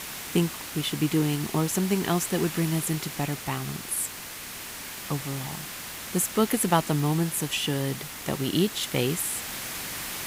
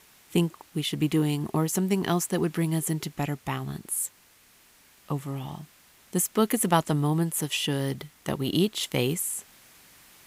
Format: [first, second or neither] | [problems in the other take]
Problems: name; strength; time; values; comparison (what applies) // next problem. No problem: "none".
second | hiss; loud; throughout; 8 dB below the speech; faint in the second